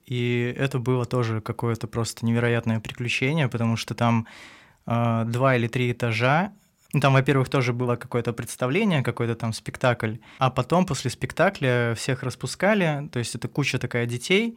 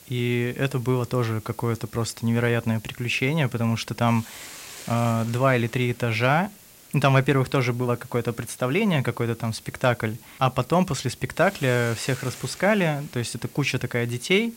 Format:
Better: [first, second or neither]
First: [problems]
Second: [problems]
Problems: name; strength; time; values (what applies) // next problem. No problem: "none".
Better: first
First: none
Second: hiss; noticeable; throughout; 20 dB below the speech